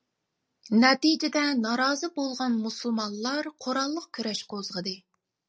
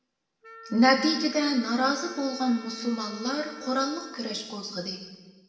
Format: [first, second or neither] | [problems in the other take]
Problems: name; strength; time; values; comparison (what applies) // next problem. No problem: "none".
first | background sound (Wind instrument, woodwind instrument); 19 dB below the speech // room echo; dies away in 1.2 s